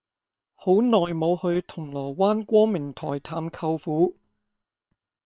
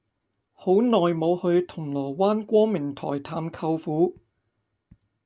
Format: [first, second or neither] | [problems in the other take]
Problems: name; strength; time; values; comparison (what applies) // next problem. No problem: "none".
second | noise reduction (neural separator model SepFormer WHAM!)